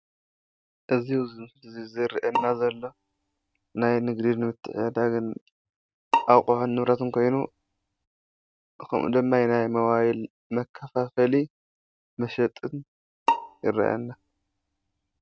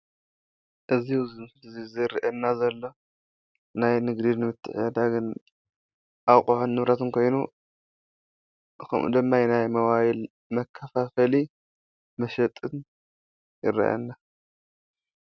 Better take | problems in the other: second | noise reduction (neural mask model RNNoise)

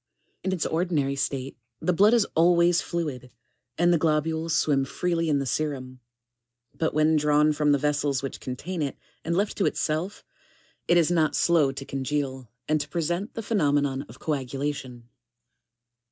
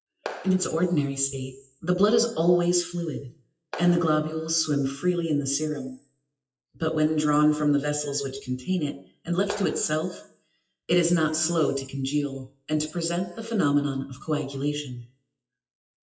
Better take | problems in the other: first | noise reduction (classical method WPE with log-MMSE)

